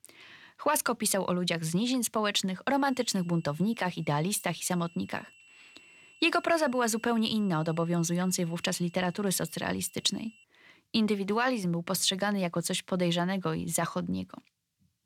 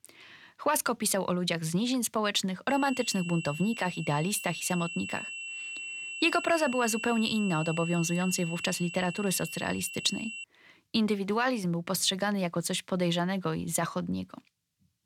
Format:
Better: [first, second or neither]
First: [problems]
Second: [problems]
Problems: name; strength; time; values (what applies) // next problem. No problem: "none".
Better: first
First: high-pitched whine; faint; from 2.5 to 10 s; 2.5 kHz, 25 dB below the speech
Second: high-pitched whine; loud; from 2.5 to 10 s; 2.5 kHz, 8 dB below the speech